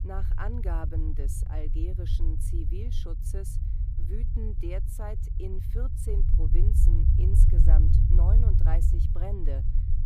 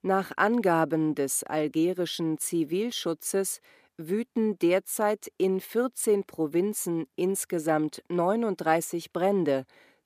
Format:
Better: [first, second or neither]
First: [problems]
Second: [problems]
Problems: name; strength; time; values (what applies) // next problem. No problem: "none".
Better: second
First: low rumble; loud; throughout; 2 dB below the speech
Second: none